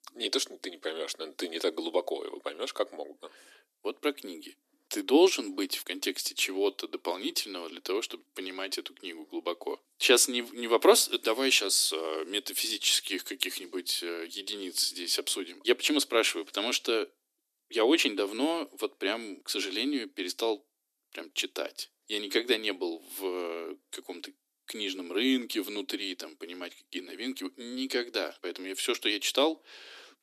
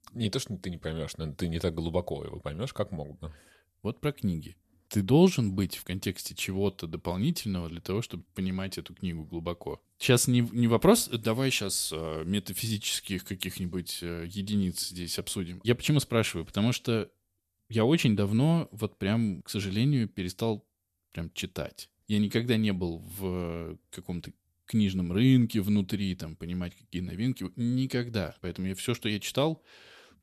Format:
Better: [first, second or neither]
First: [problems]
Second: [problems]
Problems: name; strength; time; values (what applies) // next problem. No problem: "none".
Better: second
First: thin; somewhat; fading below 300 Hz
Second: none